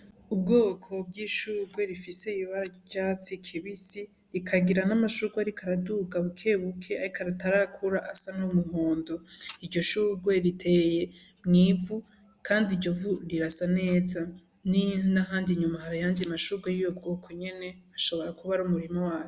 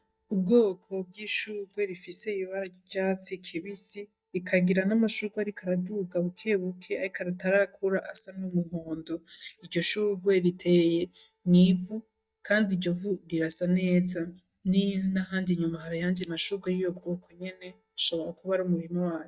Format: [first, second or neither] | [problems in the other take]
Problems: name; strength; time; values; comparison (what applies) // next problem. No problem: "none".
first | noise reduction (neural mask model DeepFilterNet 3)